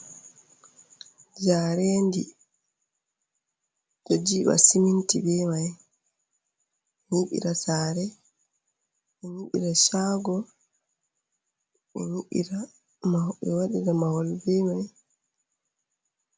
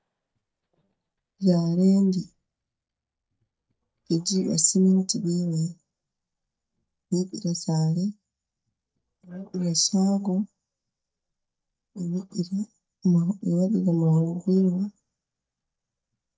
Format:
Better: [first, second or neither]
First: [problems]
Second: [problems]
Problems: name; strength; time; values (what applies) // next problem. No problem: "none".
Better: first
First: none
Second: noise reduction (neural mask model DeepFilterNet 3)